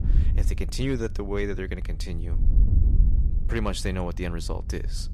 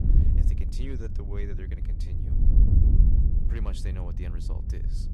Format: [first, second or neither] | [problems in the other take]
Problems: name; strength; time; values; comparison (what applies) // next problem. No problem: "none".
first | wind noise on the microphone; heavy; 2 dB above the speech; occasional gusts in the first